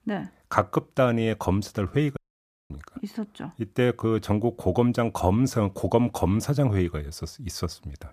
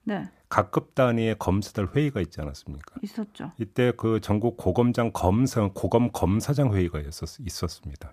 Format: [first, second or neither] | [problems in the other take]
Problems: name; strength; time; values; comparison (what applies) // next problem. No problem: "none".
second | audio cutting out; at 2 s for 0.5 s